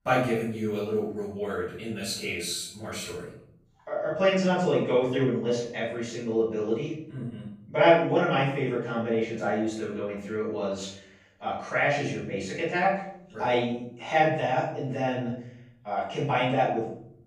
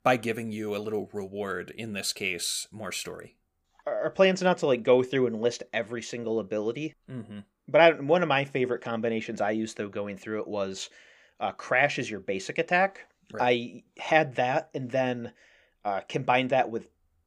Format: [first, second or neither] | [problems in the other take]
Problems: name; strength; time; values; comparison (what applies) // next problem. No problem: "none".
second | off-mic speech; far // room echo; noticeable; dies away in 0.8 s